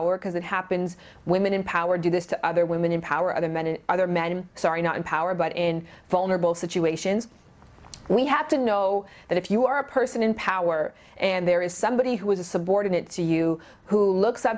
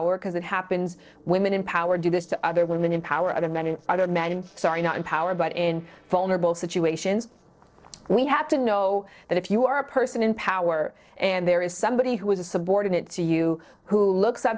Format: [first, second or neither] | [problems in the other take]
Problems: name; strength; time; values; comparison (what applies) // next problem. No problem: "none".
first | noise reduction (neural separator model SepFormer DNS4)